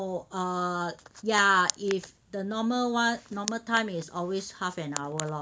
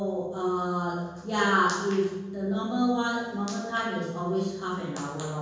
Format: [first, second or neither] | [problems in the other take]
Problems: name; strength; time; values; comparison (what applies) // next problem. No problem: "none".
first | room echo; dies away in 1.3 s